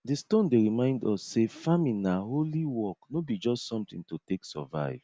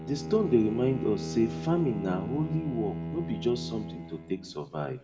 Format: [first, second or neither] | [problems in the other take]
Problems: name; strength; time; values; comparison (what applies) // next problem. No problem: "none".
first | background sound (Bowed string instrument); 7 dB below the speech // room echo; dies away in 0.7 s